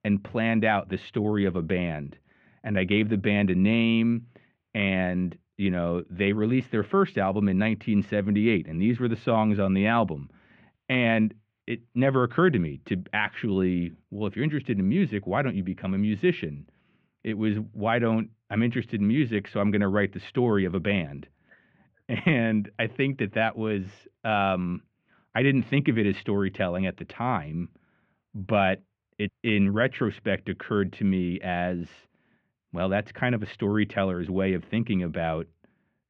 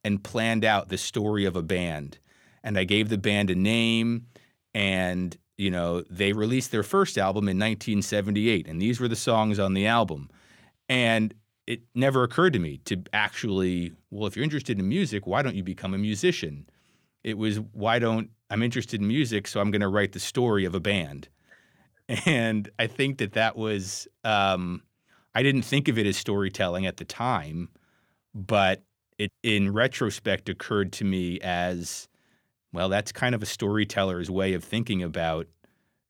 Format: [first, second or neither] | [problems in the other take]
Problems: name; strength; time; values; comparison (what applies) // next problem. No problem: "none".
second | muffled; very; fading above 2.5 kHz